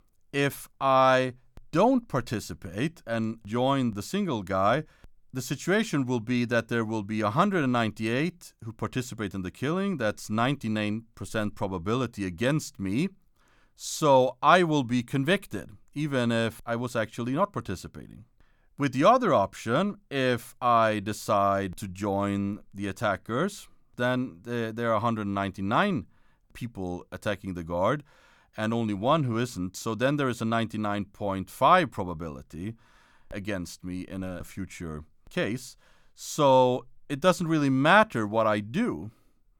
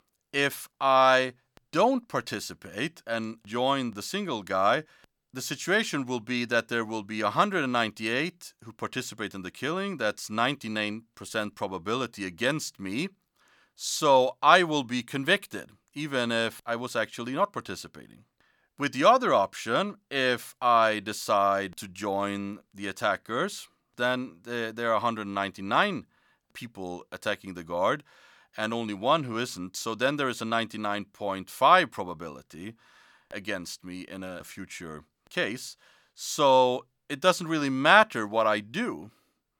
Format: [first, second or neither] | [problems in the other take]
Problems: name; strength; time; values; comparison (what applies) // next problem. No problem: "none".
first | thin; very slightly; fading below 400 Hz